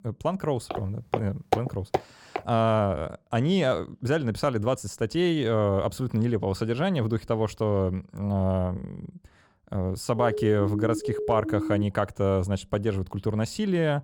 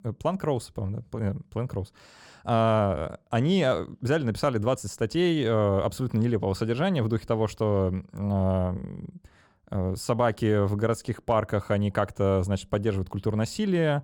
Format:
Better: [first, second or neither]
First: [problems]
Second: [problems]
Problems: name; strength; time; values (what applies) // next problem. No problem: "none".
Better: second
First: footsteps; noticeable; from 0.5 to 2.5 s; peak 2 dB below the speech // siren; noticeable; from 10 to 12 s; peak 4 dB below the speech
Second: none